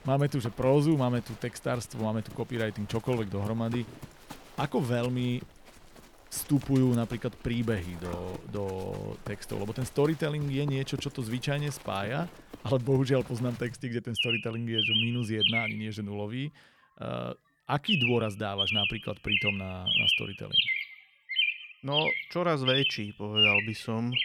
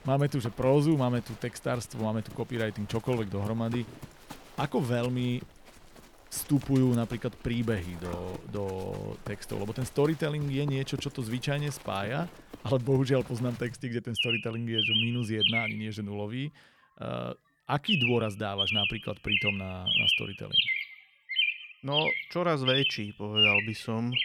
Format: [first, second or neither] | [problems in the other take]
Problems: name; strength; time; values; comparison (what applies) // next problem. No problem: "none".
neither | animal sounds; very loud; throughout; 4 dB above the speech; the same in both